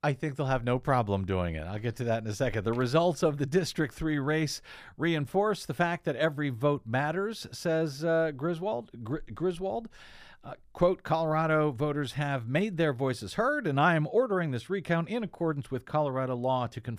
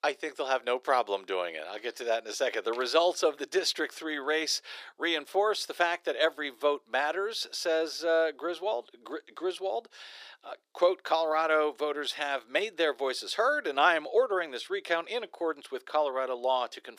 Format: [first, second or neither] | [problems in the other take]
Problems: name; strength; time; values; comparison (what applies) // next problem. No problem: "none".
first | thin; very; fading below 350 Hz